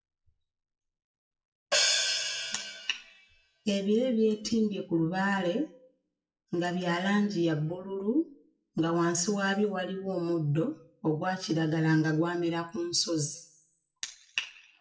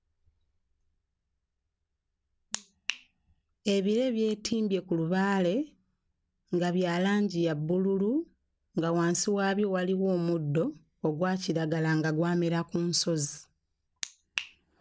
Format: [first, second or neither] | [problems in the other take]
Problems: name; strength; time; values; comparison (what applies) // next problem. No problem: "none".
second | noise reduction (classical method WPE with log-MMSE)